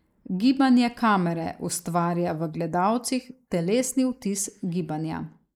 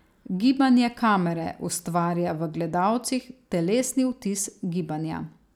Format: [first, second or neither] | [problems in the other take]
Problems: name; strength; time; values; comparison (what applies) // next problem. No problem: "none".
second | noise reduction (neural mask model Resemble Enhance denoiser)